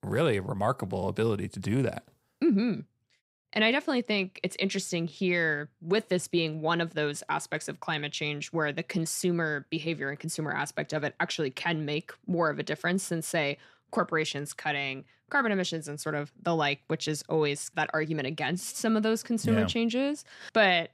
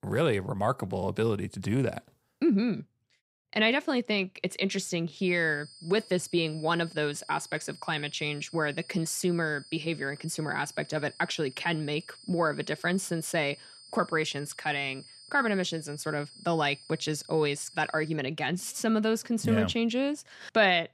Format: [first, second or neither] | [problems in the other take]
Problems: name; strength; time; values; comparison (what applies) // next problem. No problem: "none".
first | high-pitched whine; noticeable; from 5 to 18 s; 5 kHz, 20 dB below the speech